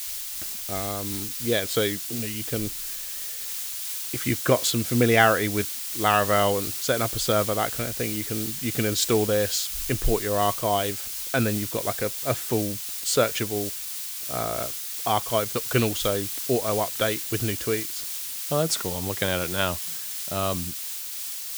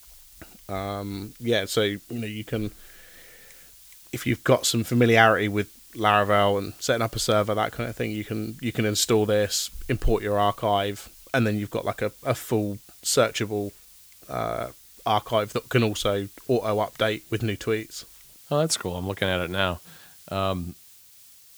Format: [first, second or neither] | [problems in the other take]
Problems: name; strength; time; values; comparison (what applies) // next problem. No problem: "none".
second | hiss; loud; throughout; 3 dB below the speech; faint in the second